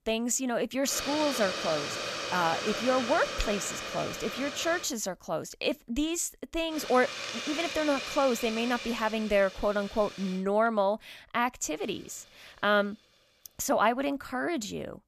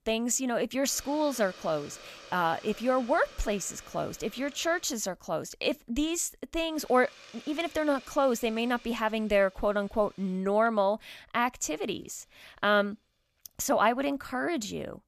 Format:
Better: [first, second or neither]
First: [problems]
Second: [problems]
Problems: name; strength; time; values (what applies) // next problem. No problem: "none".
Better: second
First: hiss; loud; from 1 to 5 s, from 6.5 to 10 s and from 12 to 14 s; 6 dB below the speech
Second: hiss; faint; from 1 to 5 s, from 6.5 to 10 s and from 12 to 14 s; 20 dB below the speech